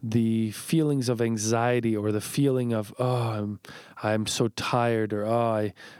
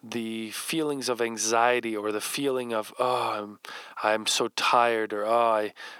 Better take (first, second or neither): first